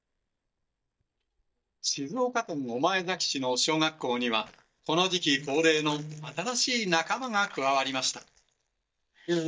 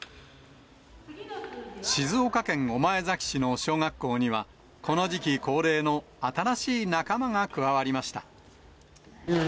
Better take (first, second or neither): second